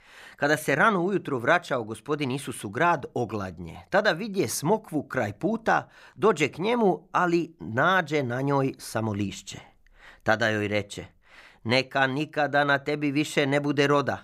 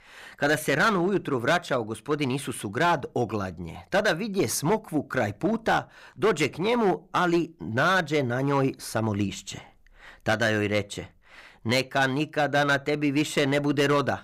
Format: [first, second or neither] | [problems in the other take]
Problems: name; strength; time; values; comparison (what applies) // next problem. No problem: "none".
first | distortion; slight; 6% of the sound clipped